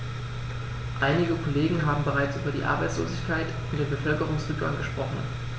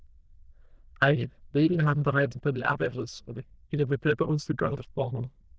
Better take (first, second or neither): first